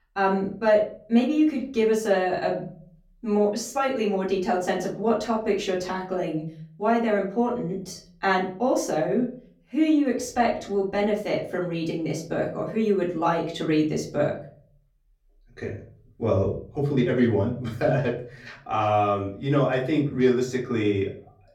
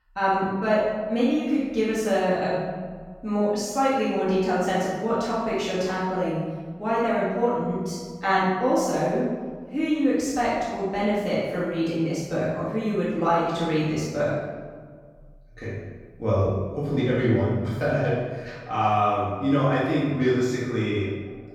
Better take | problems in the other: first | room echo; strong; dies away in 1.3 s; slight in the first // off-mic speech; far; far in the first

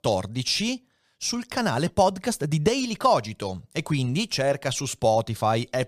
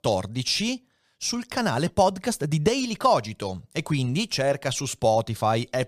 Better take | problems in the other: neither | none

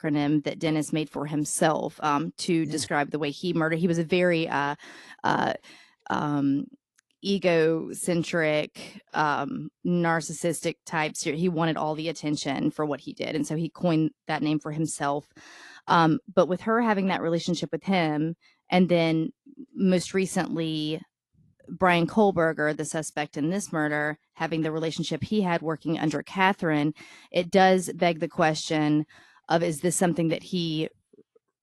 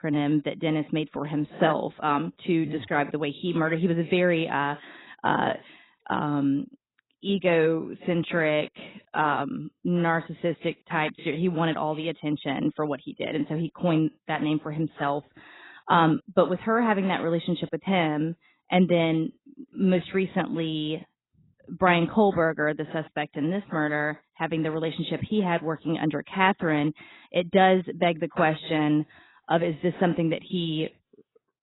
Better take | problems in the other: first | garbled, watery; badly; nothing above 4 kHz; slightly in the first

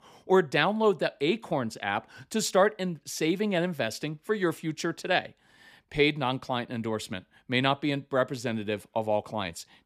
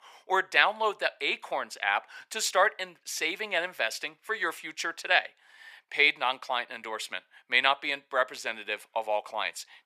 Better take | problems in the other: first | thin; very; fading below 850 Hz

